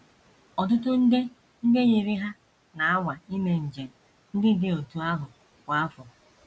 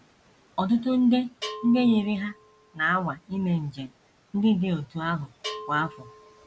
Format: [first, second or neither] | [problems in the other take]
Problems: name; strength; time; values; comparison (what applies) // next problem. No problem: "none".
first | background sound (Bell); 17 dB below the speech